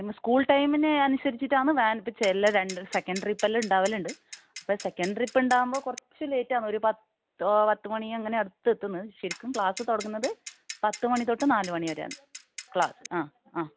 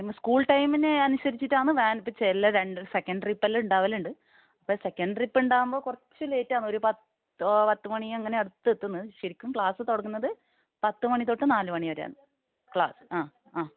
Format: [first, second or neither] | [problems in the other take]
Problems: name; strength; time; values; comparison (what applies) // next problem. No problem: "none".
second | background sound (Clock); 16 dB below the speech